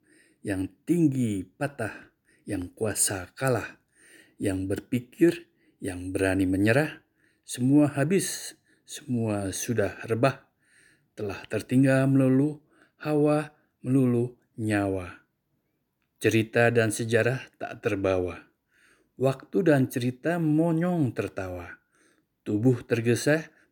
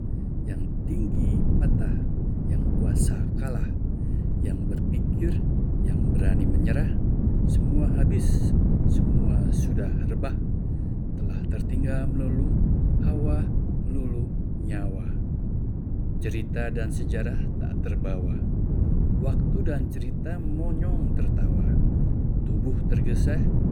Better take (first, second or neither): first